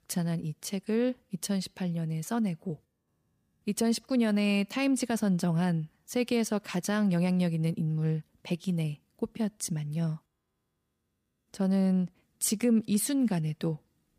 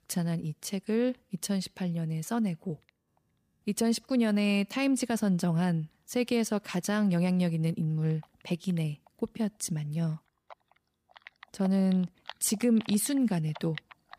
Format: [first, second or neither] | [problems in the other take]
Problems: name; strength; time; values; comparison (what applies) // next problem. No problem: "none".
first | household noises; noticeable; throughout; 20 dB below the speech